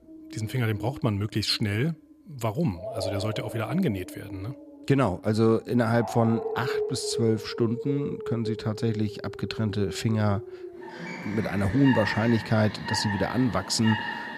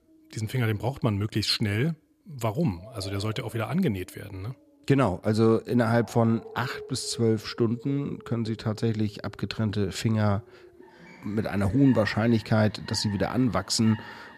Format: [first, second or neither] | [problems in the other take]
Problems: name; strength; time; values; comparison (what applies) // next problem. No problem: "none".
second | animal sounds; loud; throughout; 8 dB below the speech; faint in the second